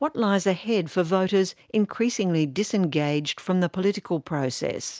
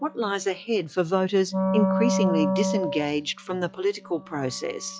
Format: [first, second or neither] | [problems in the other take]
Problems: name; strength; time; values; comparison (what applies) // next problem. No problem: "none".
first | noise reduction (classical method log-MMSE)